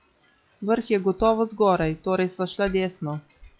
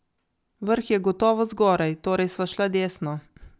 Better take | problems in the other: second | noise reduction (classical method log-MMSE)

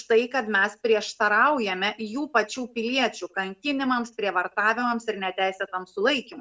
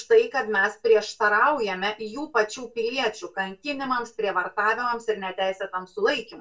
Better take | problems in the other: first | room echo; dies away in 0.1 s

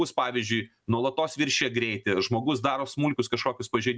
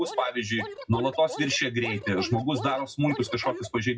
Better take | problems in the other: first | noise reduction (classical method WPE with log-MMSE)

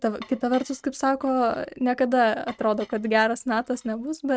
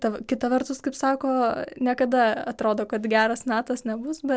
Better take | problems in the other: second | noise reduction (neural mask model RNNoise)

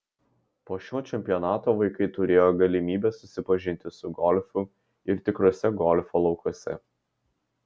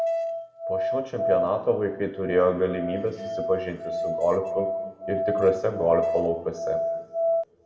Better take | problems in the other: first | background sound (Musical instrument); 2 dB below the speech // room echo; dies away in 1.5 s

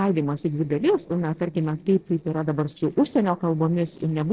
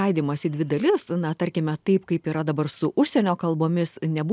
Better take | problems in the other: second | noise reduction (neural separator model SepFormer DNS4)

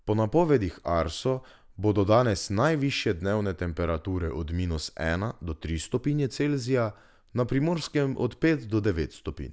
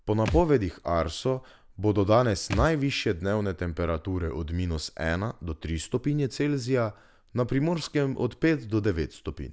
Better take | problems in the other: first | background sound (Thump, thud); 8 dB below the speech

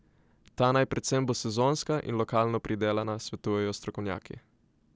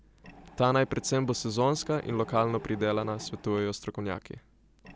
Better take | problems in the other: first | background sound (Mechanisms); 19 dB below the speech

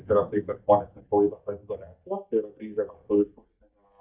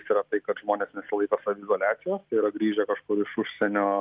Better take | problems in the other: second | noise reduction (neural mask model DeepFilterNet 3)

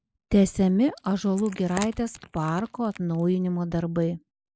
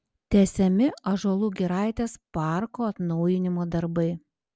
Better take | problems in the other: second | noise reduction (neural mask model Resemble Enhance denoiser)

